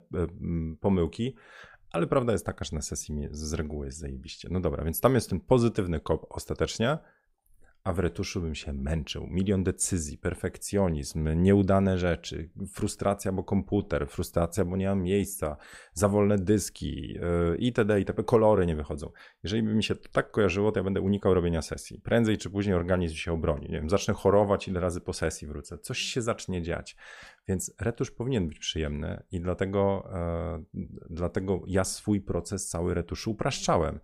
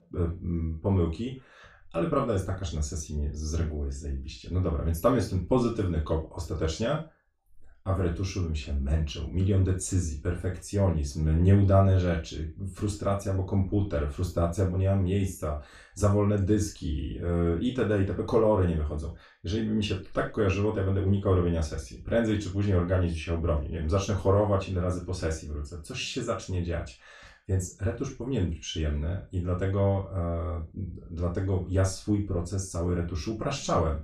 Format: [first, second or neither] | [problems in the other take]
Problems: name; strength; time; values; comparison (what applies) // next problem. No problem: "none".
first | room echo; slight; dies away in 0.2 s // off-mic speech; far